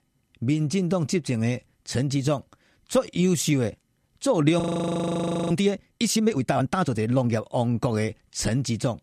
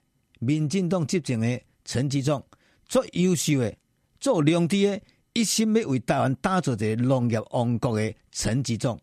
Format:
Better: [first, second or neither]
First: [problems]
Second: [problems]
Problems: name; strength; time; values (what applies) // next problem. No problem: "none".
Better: second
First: audio freezing; at 4.5 s for 1 s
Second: none